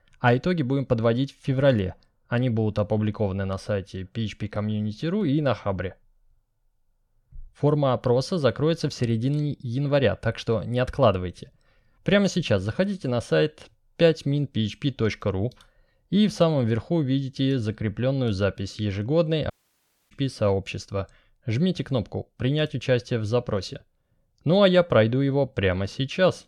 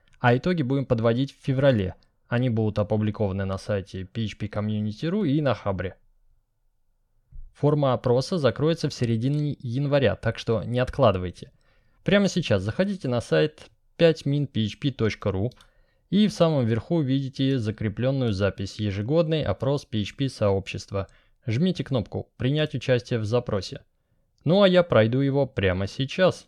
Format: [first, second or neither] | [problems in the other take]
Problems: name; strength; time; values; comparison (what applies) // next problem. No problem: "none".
second | audio cutting out; at 20 s for 0.5 s